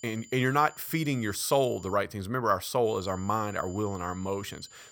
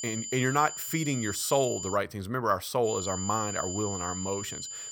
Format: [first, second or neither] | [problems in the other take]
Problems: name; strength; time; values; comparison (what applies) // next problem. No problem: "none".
first | high-pitched whine; loud; until 2 s and from 3 s on; 7 kHz, 6 dB below the speech; faint in the first